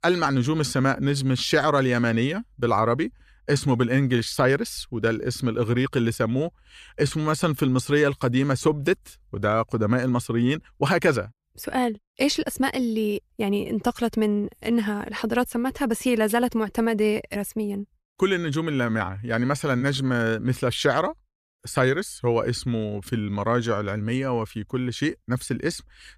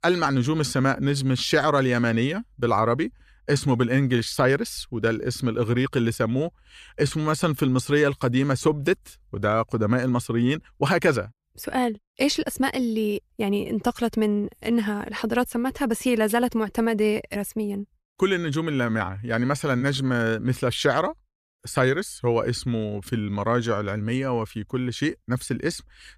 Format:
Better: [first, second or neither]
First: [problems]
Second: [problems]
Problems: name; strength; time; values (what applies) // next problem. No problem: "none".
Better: neither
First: none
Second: none